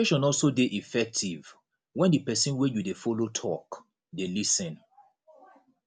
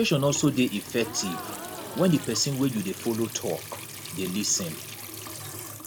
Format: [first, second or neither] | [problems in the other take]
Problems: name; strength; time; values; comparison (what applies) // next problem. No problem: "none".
first | background sound (Gasp + Trickle, dribble / Sink (filling or washing) / Water tap, faucet); 10 dB below the speech